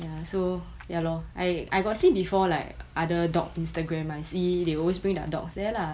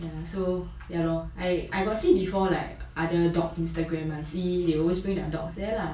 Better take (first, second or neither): first